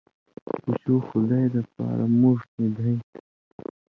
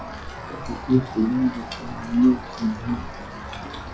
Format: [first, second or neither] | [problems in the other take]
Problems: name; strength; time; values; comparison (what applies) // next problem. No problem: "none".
first | noise reduction (classical method log-MMSE)